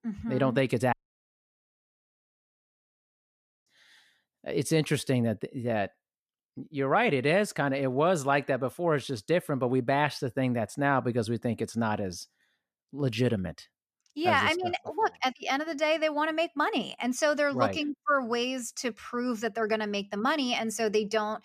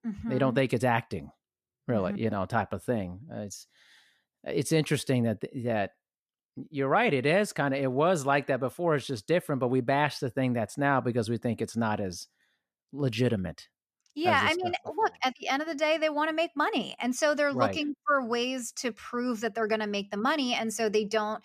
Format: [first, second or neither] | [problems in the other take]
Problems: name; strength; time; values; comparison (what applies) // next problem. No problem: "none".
second | audio cutting out; at 1 s for 2.5 s